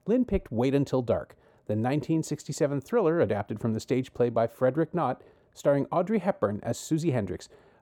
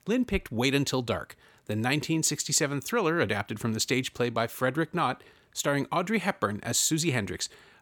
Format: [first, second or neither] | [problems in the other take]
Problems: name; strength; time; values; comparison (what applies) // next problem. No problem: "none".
second | muffled; very; fading above 1.5 kHz